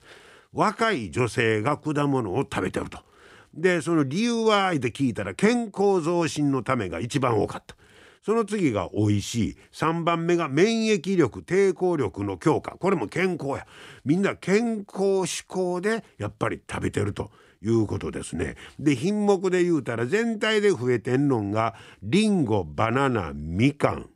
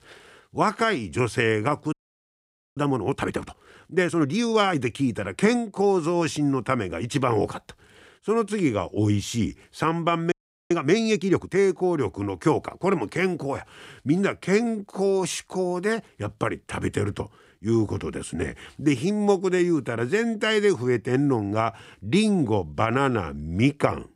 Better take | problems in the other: first | audio freezing; at 2 s for 1 s and at 10 s

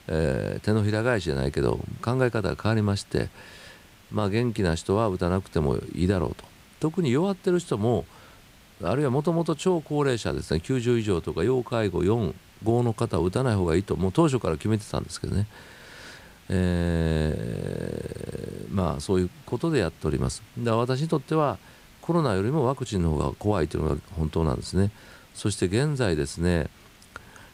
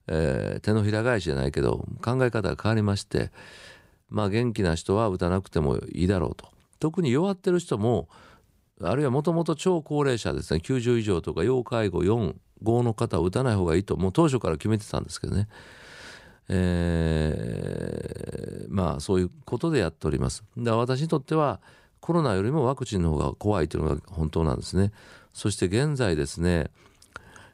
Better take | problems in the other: second | hiss; faint; throughout; 25 dB below the speech

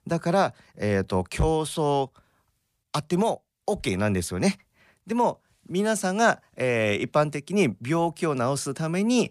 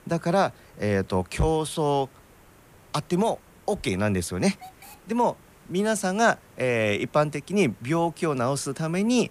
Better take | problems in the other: first | hiss; faint; throughout; 25 dB below the speech

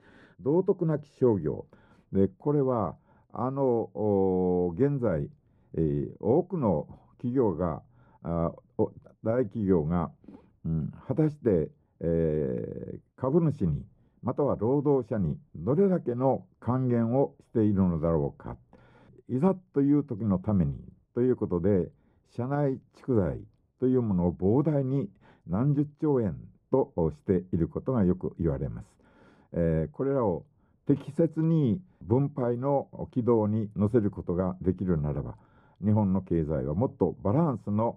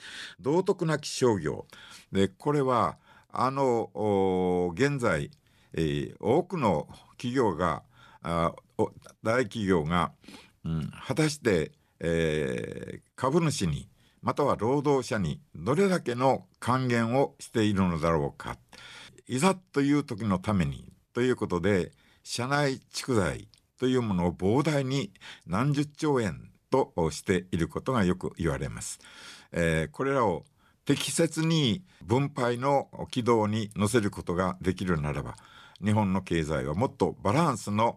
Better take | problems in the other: second | muffled; very; fading above 1.5 kHz

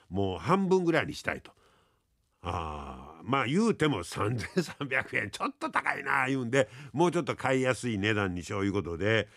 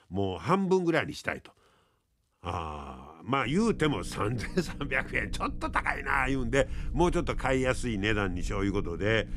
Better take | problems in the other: first | low rumble; faint; from 3.5 s on; 25 dB below the speech

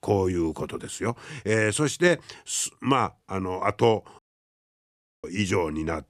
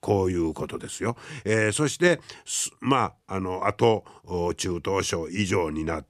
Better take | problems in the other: second | audio cutting out; at 4 s for 1 s

